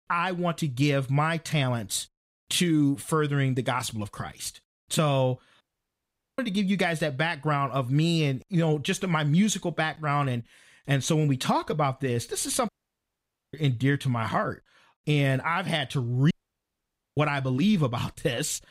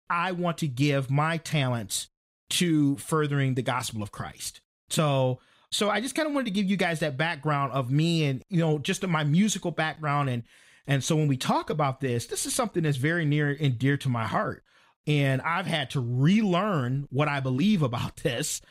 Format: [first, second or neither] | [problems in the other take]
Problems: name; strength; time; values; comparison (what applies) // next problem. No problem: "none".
second | audio cutting out; at 5.5 s for 1 s, at 13 s for 1 s and at 16 s for 1 s